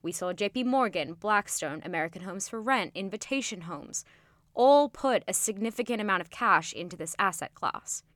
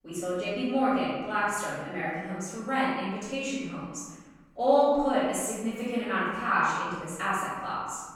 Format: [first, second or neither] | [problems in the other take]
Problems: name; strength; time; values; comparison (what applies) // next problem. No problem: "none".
first | off-mic speech; far // room echo; strong; dies away in 1.3 s